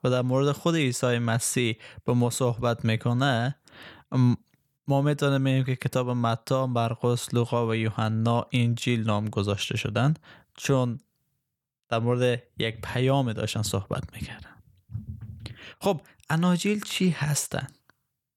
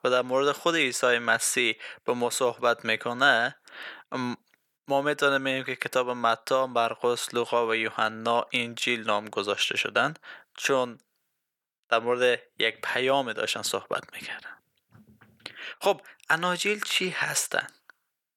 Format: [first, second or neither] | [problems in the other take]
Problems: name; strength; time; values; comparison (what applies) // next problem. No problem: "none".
first | thin; very; fading below 450 Hz